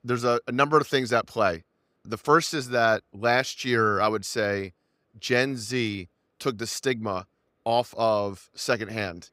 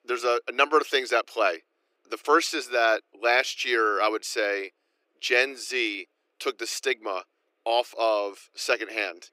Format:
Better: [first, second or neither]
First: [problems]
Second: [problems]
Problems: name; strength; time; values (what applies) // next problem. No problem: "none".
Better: first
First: none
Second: thin; very; fading below 300 Hz